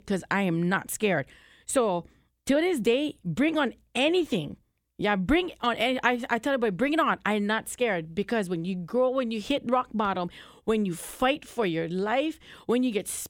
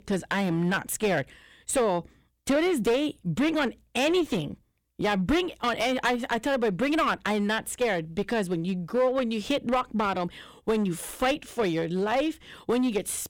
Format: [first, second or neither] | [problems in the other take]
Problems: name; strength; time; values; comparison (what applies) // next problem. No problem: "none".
first | distortion; slight; 8% of the sound clipped